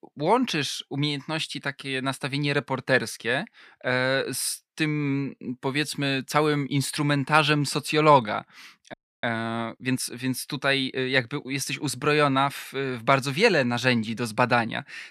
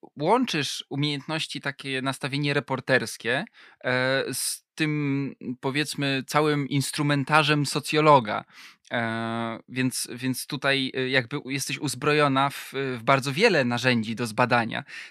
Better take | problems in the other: second | audio freezing; at 9 s

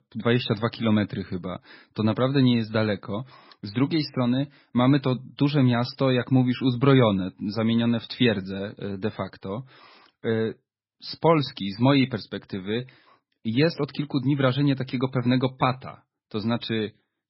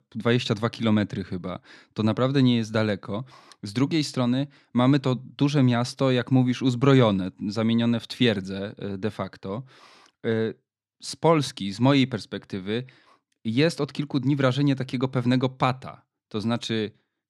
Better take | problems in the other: second | garbled, watery; badly; nothing above 5.5 kHz

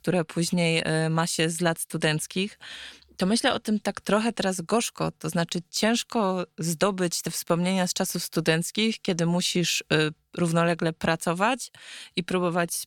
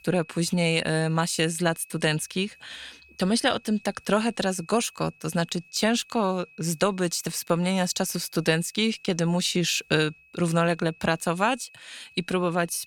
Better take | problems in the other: first | high-pitched whine; faint; throughout; 2.5 kHz, 25 dB below the speech

